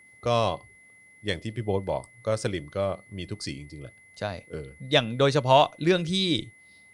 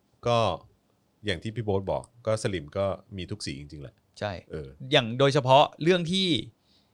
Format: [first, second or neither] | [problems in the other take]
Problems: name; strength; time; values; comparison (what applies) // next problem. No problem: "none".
second | high-pitched whine; faint; throughout; 2 kHz, 25 dB below the speech